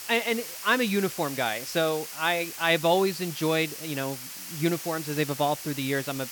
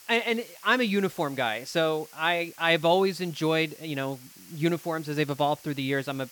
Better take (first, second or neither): second